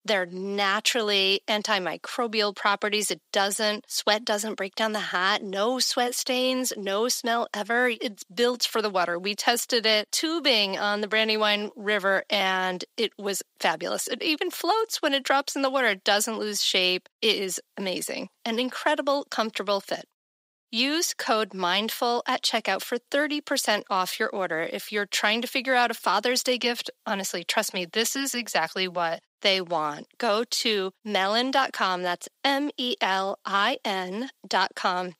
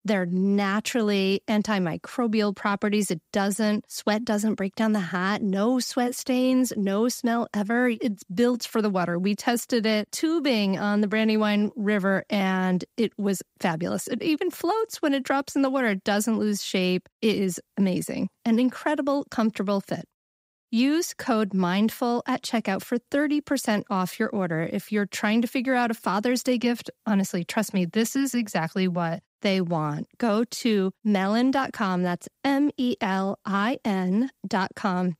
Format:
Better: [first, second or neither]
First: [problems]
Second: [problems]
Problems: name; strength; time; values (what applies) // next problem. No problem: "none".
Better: second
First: thin; somewhat; fading below 500 Hz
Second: none